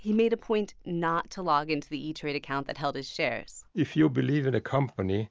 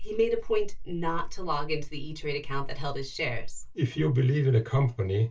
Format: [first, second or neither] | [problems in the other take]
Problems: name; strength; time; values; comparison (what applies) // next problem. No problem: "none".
first | room echo; dies away in 0.2 s